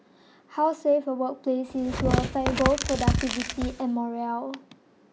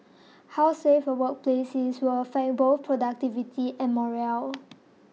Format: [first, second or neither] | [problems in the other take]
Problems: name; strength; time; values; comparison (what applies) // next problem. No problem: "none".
second | background sound (Tearing); as loud as the speech